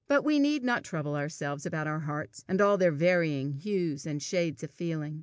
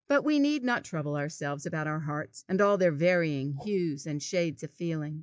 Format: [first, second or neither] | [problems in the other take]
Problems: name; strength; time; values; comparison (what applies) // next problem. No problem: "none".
first | noise reduction (classical method log-MMSE)